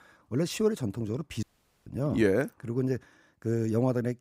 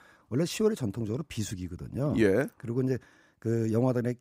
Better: second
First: audio cutting out; at 1.5 s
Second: none

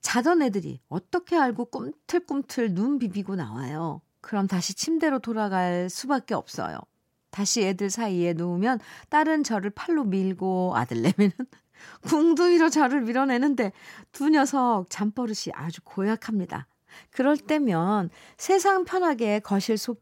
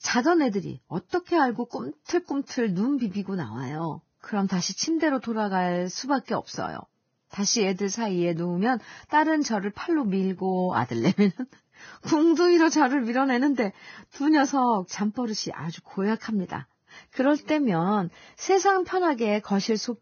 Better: first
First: none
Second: garbled, watery; badly; nothing above 6.5 kHz

